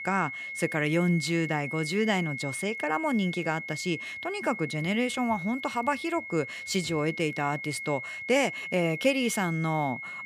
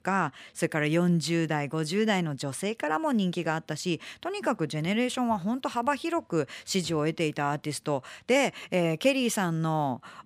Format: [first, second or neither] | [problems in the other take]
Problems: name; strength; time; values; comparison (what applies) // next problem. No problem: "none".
second | high-pitched whine; loud; throughout; 2 kHz, 7 dB below the speech